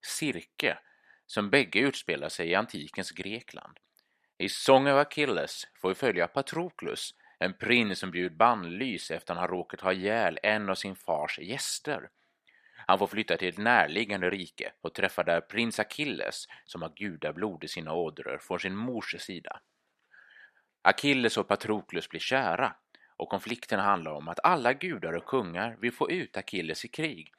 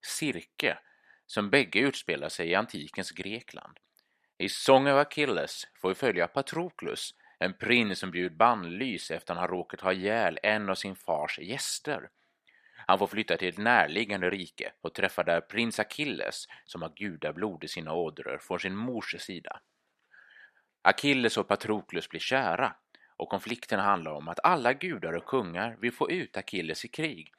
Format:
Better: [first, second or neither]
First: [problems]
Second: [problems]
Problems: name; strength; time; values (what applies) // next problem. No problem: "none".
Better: neither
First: none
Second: none